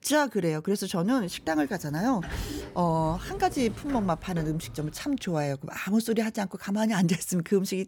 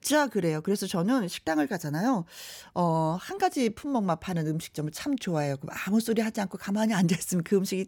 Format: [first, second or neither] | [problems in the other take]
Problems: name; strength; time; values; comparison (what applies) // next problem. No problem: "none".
second | door banging; noticeable; from 1.5 to 5 s; peak 8 dB below the speech